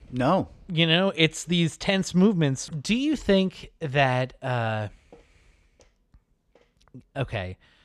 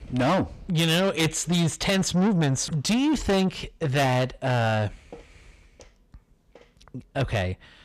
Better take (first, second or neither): first